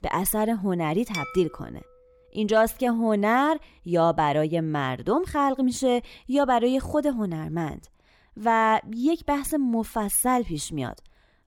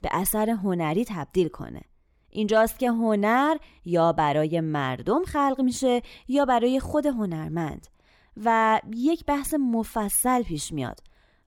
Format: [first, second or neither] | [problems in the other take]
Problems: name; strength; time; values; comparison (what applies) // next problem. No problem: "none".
second | clattering dishes; noticeable; at 1 s; peak 9 dB below the speech